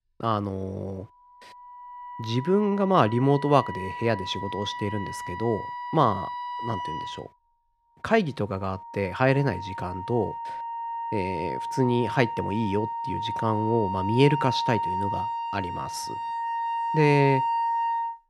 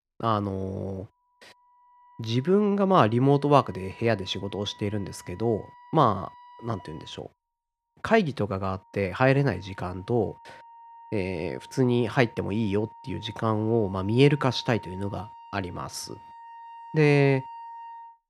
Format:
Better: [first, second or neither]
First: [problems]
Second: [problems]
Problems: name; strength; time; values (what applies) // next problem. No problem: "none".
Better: second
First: background music; loud; throughout; 5 dB below the speech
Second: background music; faint; throughout; 20 dB below the speech